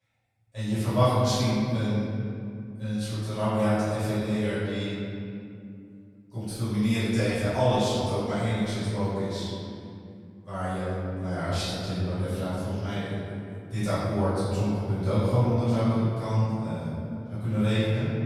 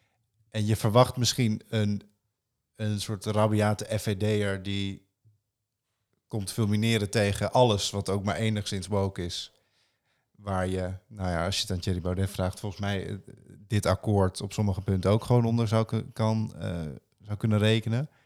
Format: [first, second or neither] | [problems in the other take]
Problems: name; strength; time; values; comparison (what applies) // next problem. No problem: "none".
second | room echo; strong; dies away in 2.5 s // off-mic speech; far